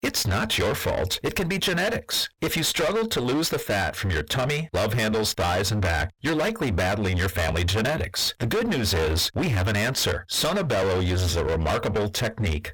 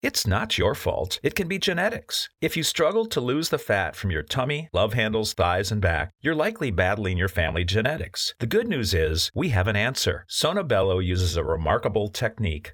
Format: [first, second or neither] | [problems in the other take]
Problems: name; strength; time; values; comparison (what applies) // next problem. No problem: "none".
second | distortion; heavy; 35% of the sound clipped